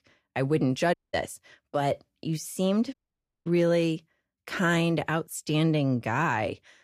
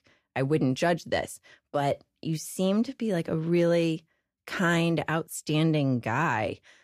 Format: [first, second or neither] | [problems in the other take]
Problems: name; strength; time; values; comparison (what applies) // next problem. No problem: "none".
second | audio cutting out; at 1 s and at 3 s for 0.5 s